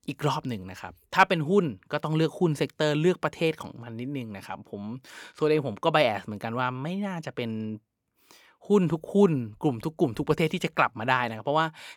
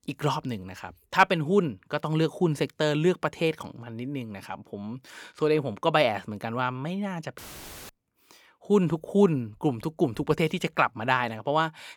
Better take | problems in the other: first | audio cutting out; filled with static; at 7.5 s for 0.5 s

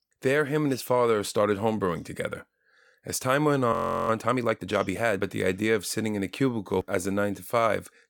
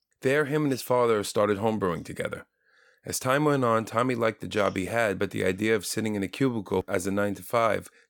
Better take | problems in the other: second | audio freezing; at 3.5 s

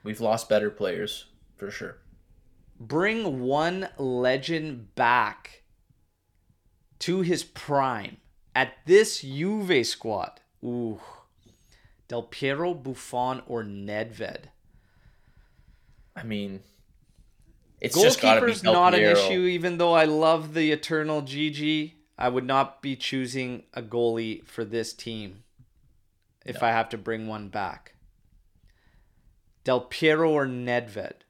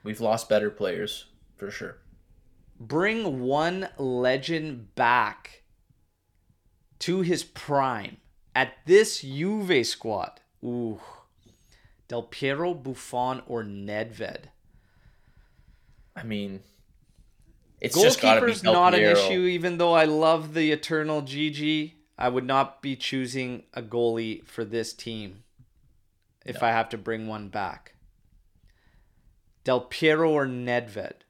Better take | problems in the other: neither | none

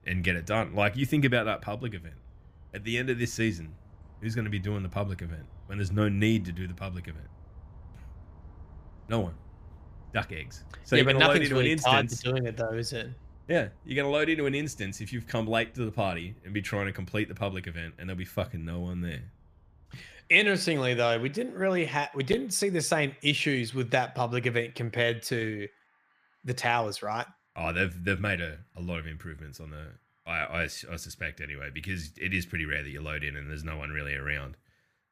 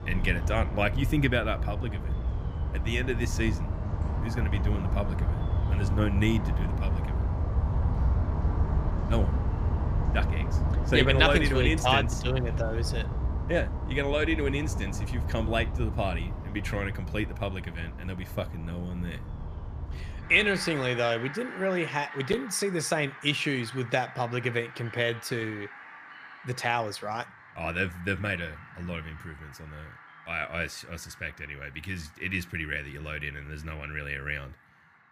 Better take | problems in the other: first | animal sounds; loud; throughout; 2 dB below the speech; faint in the first

